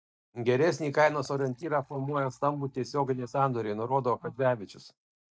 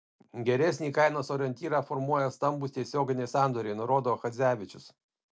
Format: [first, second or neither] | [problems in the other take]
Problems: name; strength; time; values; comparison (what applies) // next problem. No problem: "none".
second | noise reduction (neural mask model DeepFilterNet 3)